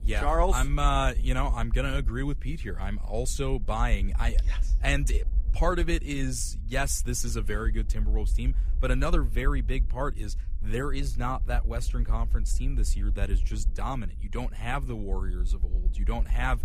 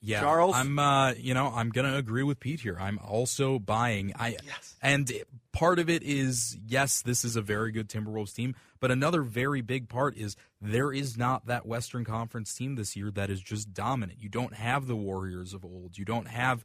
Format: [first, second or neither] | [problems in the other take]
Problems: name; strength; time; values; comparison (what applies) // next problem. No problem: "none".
second | low rumble; faint; throughout; 20 dB below the speech